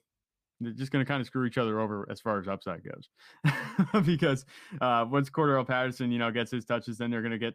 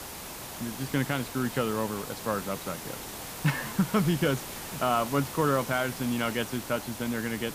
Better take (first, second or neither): first